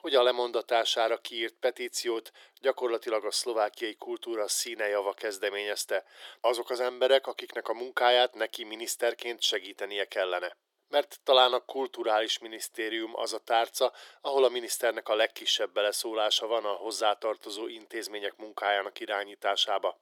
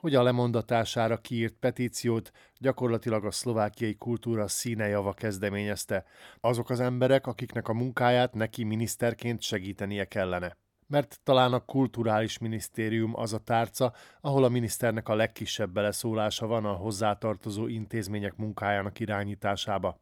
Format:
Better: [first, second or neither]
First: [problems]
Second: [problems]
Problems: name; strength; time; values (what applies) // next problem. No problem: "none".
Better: second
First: thin; very; fading below 350 Hz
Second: none